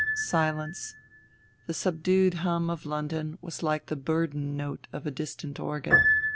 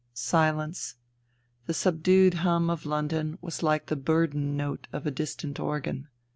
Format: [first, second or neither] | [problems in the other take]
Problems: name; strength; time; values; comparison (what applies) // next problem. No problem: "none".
second | background sound (Piano); 3 dB below the speech